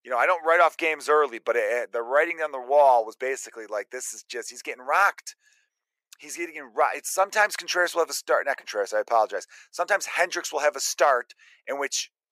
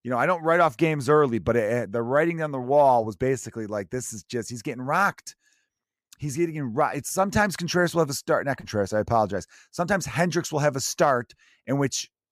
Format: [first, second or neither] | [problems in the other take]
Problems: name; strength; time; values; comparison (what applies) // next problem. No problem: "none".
second | thin; very; fading below 450 Hz